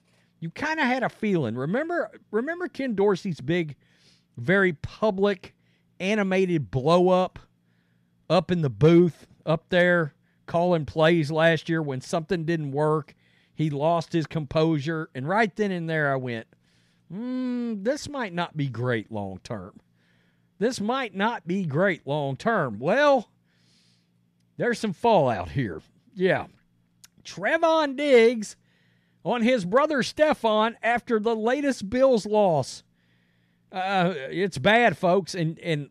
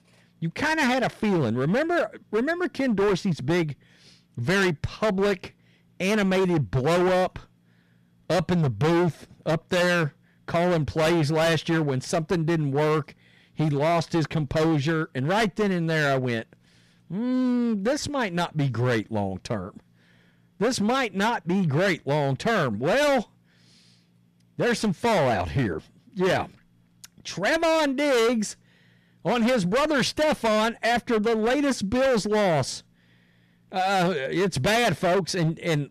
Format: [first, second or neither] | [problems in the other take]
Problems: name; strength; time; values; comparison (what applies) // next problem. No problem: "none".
first | distortion; heavy; 18% of the sound clipped